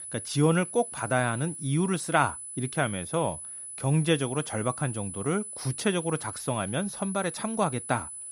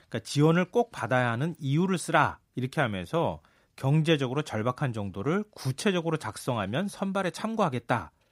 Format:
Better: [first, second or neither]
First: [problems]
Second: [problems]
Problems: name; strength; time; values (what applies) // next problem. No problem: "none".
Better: second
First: high-pitched whine; loud; throughout; 10 kHz, 8 dB below the speech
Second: none